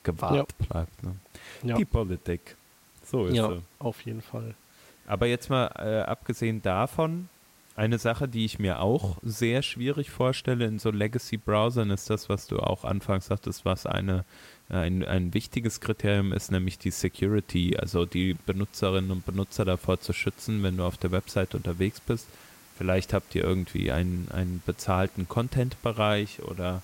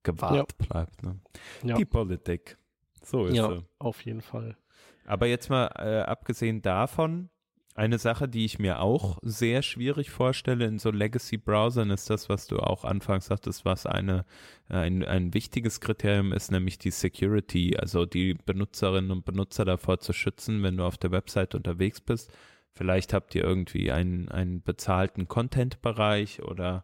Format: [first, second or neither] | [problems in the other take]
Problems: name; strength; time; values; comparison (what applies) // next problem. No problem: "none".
second | hiss; faint; throughout; 25 dB below the speech